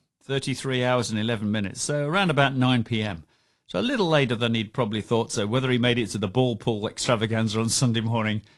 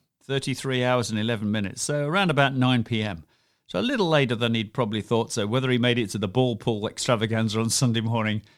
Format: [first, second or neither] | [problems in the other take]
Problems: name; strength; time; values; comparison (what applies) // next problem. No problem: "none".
second | garbled, watery; slightly